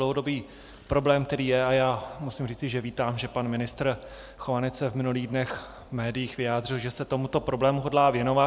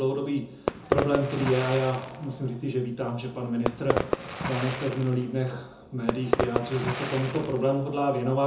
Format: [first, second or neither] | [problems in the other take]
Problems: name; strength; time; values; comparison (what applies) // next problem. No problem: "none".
first | background sound (Fireworks); 4 dB below the speech // room echo; dies away in 0.5 s